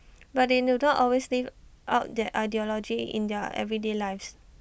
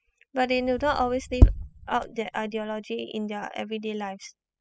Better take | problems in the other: first | noise reduction (classical method spectral subtraction)

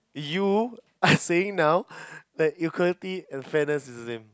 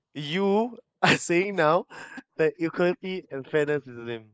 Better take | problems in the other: first | noise reduction (neural mask model Resemble Enhance denoiser)

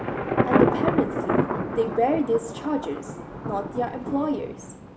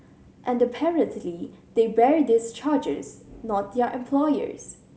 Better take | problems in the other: second | background sound (Thunder); 1 dB above the speech

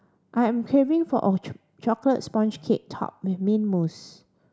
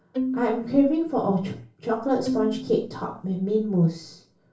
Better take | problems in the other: first | background sound (Bowed string instrument); 6 dB below the speech // room echo; dies away in 0.3 s

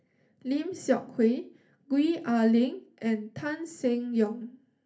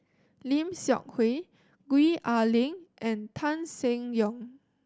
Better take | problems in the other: second | room echo; dies away in 0.3 s

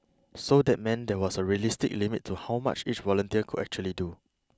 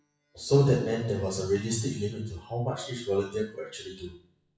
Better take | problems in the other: first | noise reduction (classical method WPE with log-MMSE)

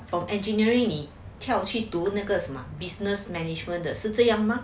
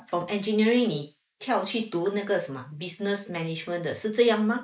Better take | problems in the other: first | noise reduction (neural mask model Resemble Enhance denoiser)

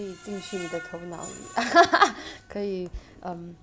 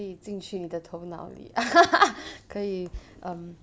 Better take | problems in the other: second | background sound (Screech); 19 dB below the speech

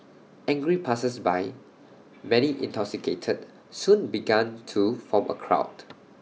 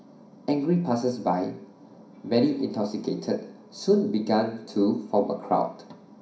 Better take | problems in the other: first | room echo; dies away in 0.5 s

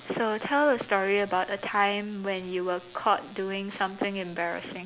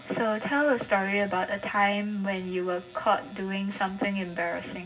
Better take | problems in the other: first | room echo; dies away in 0.4 s

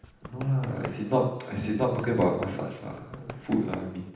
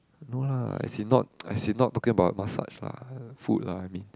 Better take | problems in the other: second | background sound (Run); 14 dB below the speech // room echo; dies away in 0.9 s

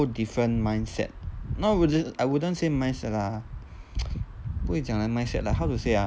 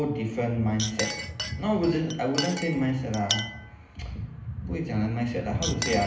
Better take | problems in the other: first | background sound (Chink, clink); 8 dB below the speech // room echo; dies away in 0.8 s

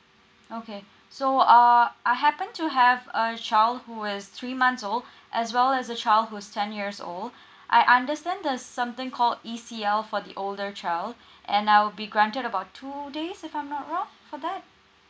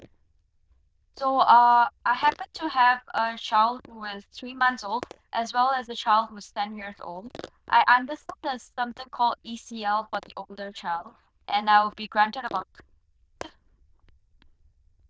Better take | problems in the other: first | noise reduction (neural diffusion model UNIVERSE++)

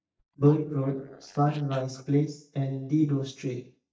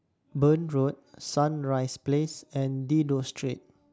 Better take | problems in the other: second | noise reduction (neural mask model DeepFilterNet 3)

